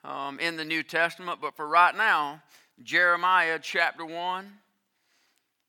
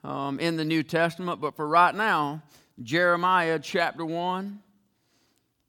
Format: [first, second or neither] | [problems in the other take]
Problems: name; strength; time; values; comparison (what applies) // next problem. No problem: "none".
second | thin; somewhat; fading below 750 Hz